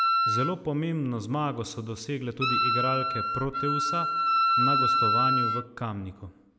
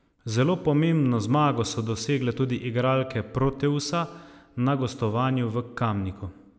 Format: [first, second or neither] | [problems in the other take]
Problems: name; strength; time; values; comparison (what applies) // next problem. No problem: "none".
second | background sound (Wind instrument, woodwind instrument); 4 dB above the speech